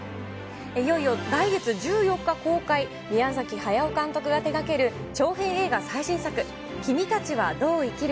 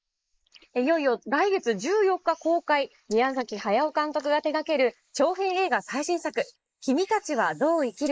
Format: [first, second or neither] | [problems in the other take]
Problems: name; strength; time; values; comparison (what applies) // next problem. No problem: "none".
first | noise reduction (neural mask model Resemble Enhance denoiser)